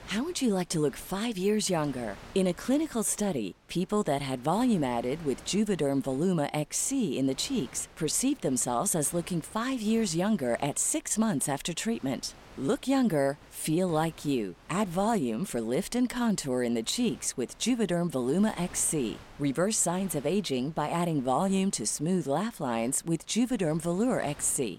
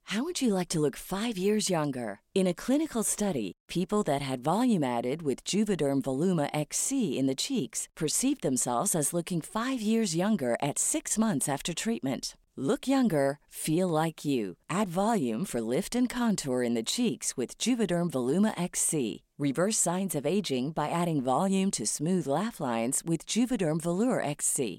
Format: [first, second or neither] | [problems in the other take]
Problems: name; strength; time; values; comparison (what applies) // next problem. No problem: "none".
second | wind noise on the microphone; occasional gusts; 20 dB below the speech